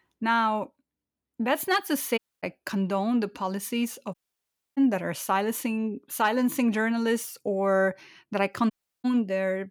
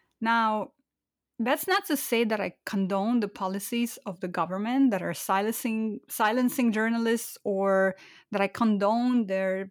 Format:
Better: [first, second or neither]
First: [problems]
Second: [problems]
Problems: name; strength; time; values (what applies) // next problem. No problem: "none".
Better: second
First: audio cutting out; at 2 s, at 4 s for 0.5 s and at 8.5 s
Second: none